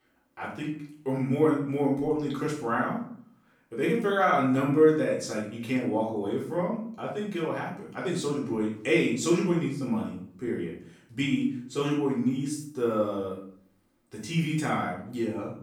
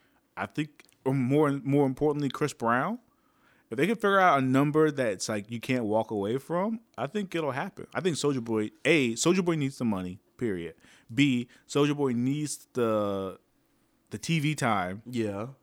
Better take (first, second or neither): second